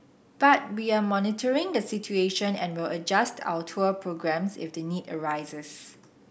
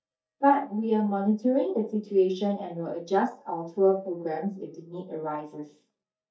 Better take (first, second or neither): first